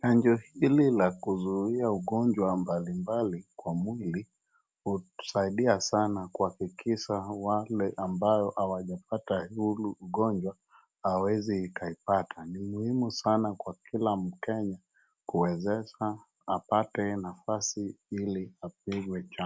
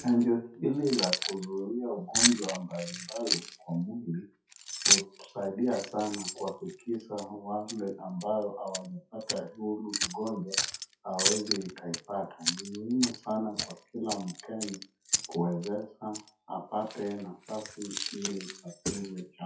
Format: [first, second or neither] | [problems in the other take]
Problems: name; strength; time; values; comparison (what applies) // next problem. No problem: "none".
first | noise reduction (classical method WPE with log-MMSE)